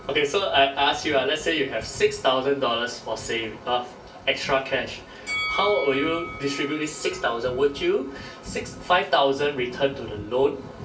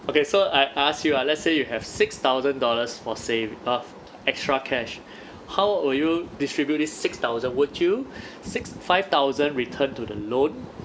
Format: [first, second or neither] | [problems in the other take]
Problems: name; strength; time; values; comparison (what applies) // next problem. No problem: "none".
second | background sound (Bell); 15 dB below the speech // room echo; dies away in 0.3 s